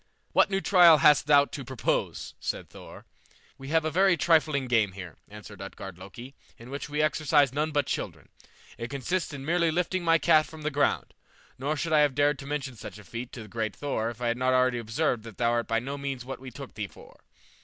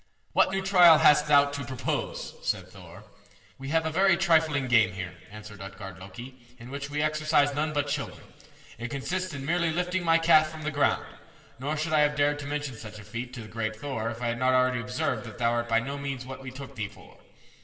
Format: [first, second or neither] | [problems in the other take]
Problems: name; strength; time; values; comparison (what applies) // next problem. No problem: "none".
first | room echo; dies away in 2.4 s